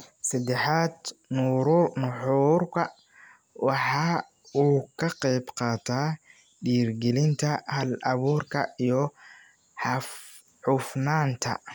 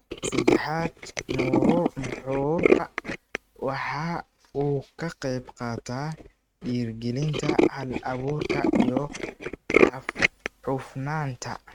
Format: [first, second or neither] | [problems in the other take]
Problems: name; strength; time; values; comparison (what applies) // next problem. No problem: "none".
first | noise reduction (neural mask model RNNoise)